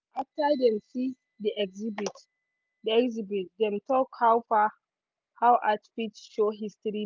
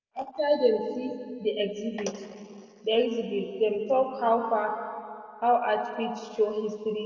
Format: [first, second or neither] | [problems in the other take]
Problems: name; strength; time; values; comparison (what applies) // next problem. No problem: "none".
first | room echo; dies away in 2.3 s